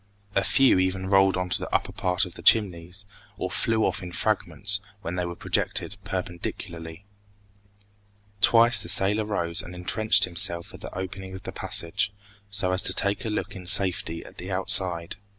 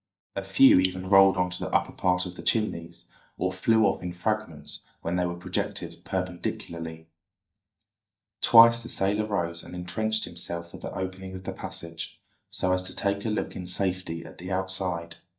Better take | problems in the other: first | noise reduction (neural mask model DeepFilterNet 3)

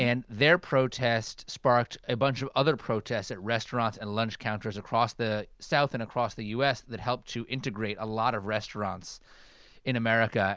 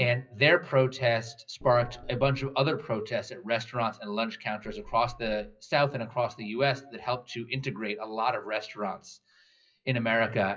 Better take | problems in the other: first | noise reduction (classical method WPE with log-MMSE)

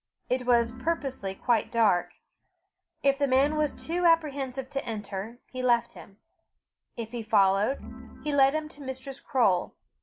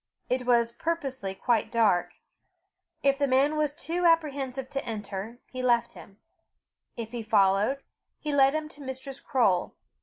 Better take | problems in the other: second | background sound (Organ); 15 dB below the speech

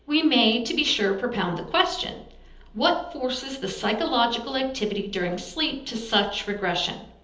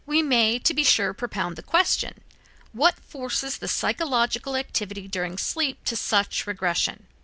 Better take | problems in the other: second | room echo; dies away in 1.2 s

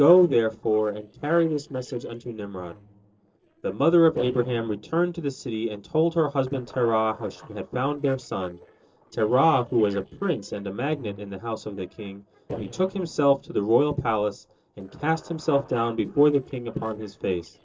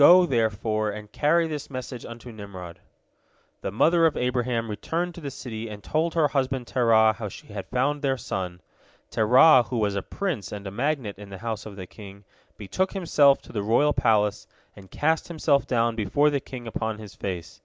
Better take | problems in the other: second | noise reduction (neural separator model SepFormer DNS4)

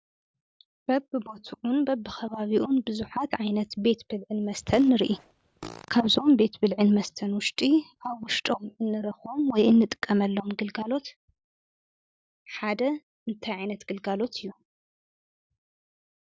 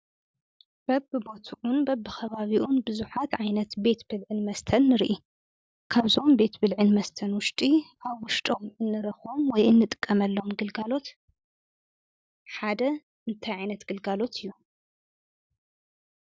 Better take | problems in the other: second | background sound (Fart); 19 dB below the speech

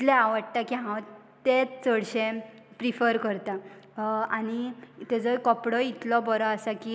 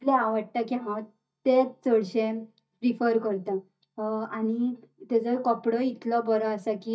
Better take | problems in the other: first | noise reduction (neural mask model DeepFilterNet 3)

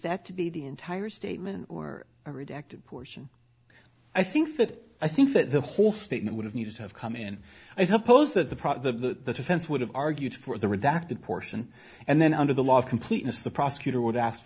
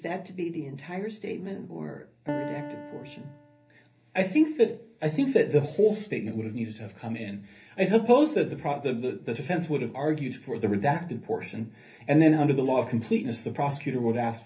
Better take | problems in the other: first | background sound (Piano); 13 dB below the speech // room echo; dies away in 0.3 s

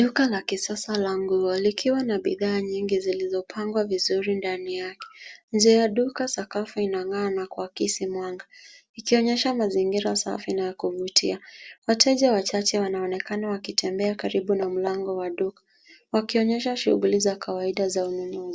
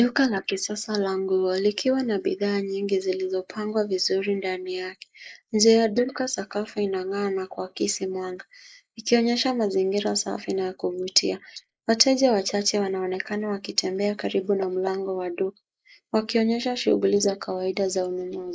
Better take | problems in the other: first | noise reduction (neural mask model Resemble Enhance denoiser)

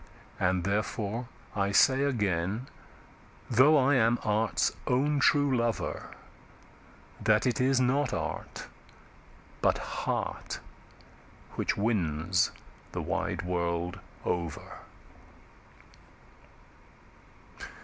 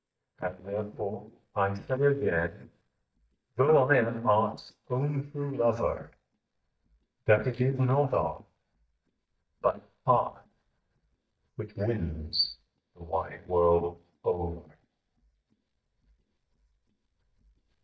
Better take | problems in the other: first | noise reduction (neural mask model DeepFilterNet 3)

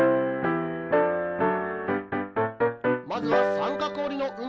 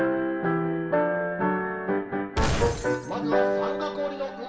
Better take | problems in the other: first | background sound (Glass); 3 dB below the speech // room echo; dies away in 2.4 s

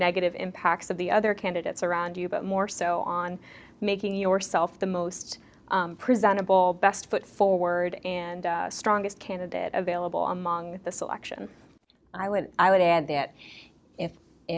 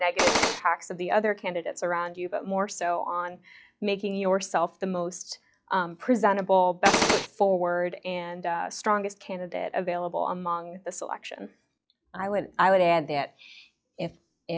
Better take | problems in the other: first | noise reduction (classical method log-MMSE)

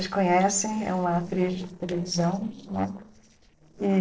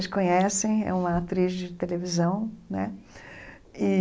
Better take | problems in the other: second | noise reduction (neural separator model SepFormer DNS4)

